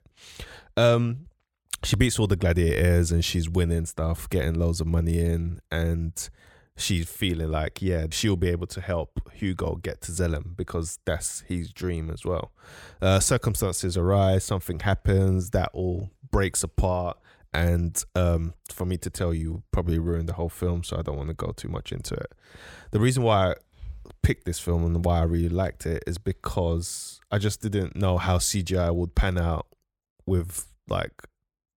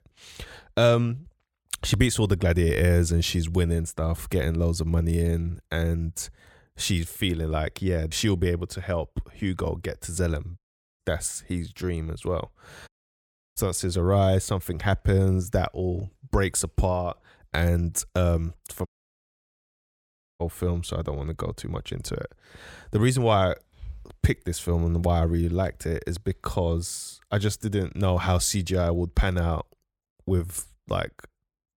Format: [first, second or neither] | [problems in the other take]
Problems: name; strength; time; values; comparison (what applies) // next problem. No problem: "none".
first | audio cutting out; at 11 s, at 13 s for 0.5 s and at 19 s for 1.5 s